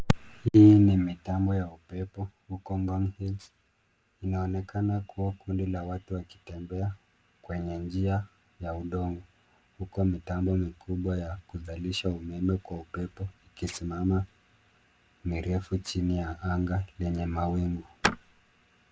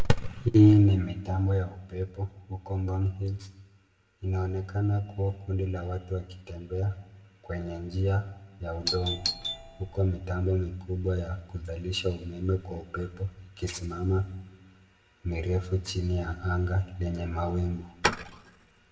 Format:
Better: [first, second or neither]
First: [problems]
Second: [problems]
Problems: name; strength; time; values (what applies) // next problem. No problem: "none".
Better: first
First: none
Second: background sound (Doorbell); 6 dB below the speech // room echo; dies away in 0.7 s